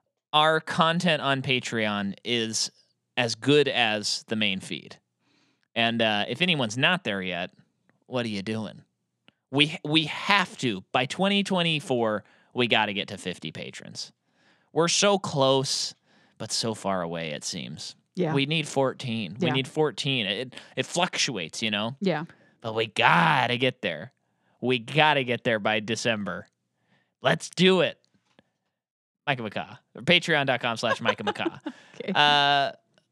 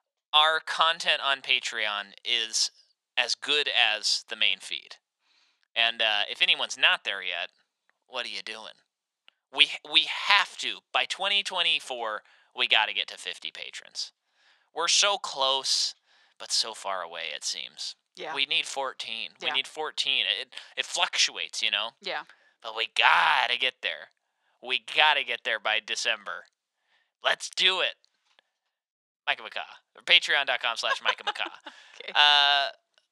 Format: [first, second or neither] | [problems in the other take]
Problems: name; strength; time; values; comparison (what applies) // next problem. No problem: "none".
first | thin; very; fading below 950 Hz